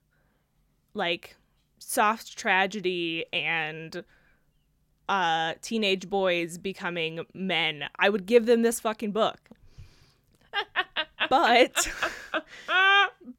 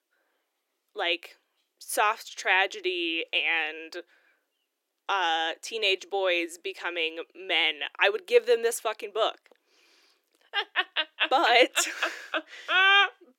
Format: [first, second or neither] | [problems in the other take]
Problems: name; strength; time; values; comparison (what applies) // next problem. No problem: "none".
first | thin; very; fading below 300 Hz